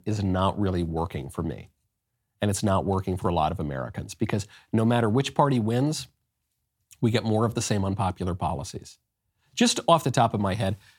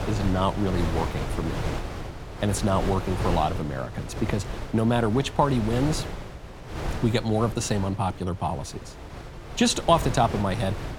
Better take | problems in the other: first | wind noise on the microphone; heavy; 10 dB below the speech

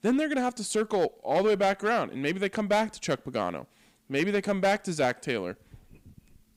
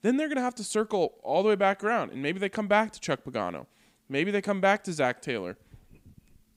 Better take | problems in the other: second | distortion; slight; 5% of the sound clipped

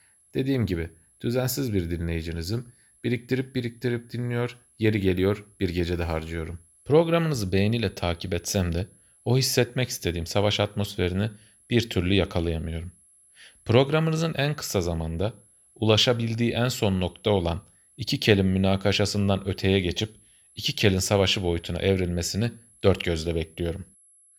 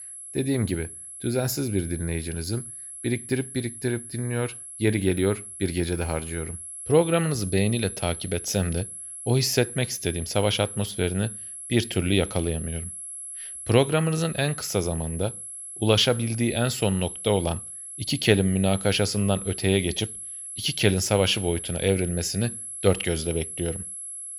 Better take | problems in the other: first | high-pitched whine; loud; throughout; 11 kHz, 9 dB below the speech; faint in the first

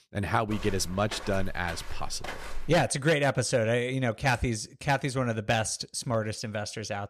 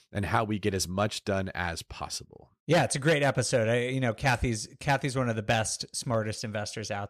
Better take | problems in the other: second | footsteps; faint; until 3 s; peak 10 dB below the speech

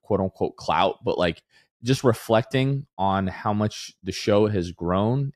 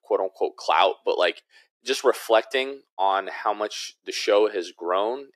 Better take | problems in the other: first | thin; very; fading below 350 Hz

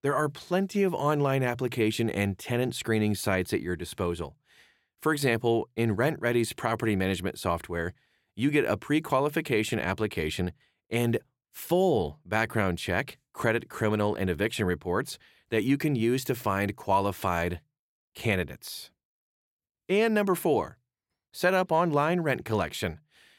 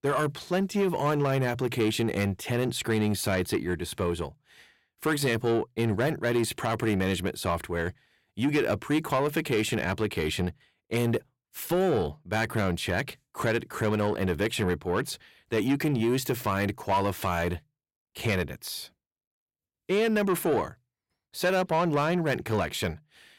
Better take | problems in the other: first | distortion; slight; 10 dB below the speech

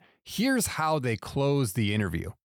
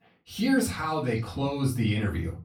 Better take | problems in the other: first | off-mic speech; far // room echo; slight; dies away in 0.4 s

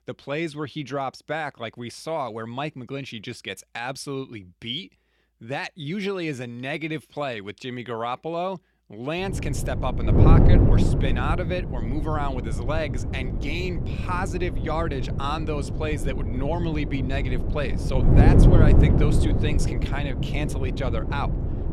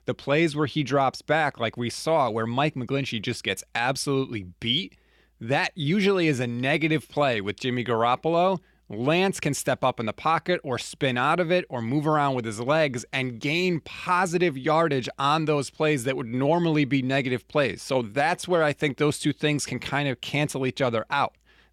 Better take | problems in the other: second | wind noise on the microphone; heavy; from 9.5 s on; 2 dB below the speech

